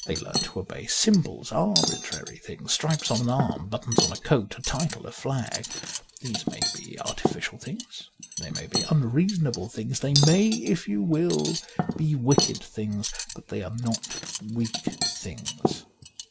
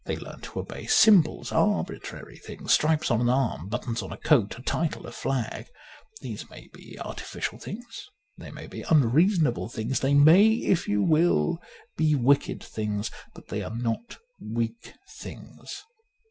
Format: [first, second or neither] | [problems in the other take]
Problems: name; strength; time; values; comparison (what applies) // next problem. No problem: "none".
second | background sound (Cutlery, silverware); 4 dB below the speech